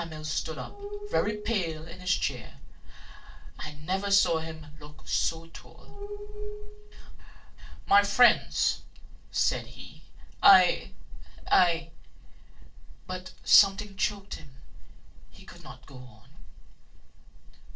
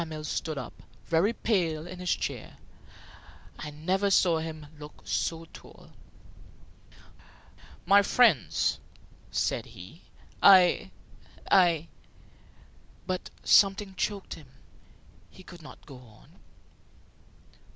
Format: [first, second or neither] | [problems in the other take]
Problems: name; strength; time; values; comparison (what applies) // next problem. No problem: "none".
second | noise reduction (neural separator model SepFormer DNS4)